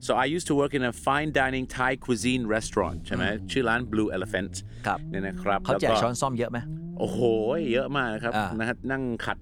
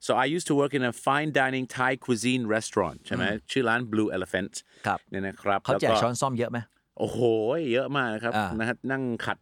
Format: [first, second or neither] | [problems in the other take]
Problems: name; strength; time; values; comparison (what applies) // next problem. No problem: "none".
second | low rumble; faint; throughout; 20 dB below the speech